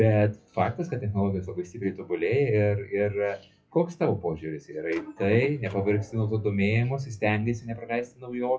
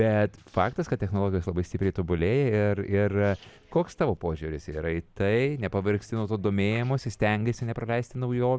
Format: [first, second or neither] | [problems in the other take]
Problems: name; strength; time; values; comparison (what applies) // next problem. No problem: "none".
second | noise reduction (classical method WPE with log-MMSE)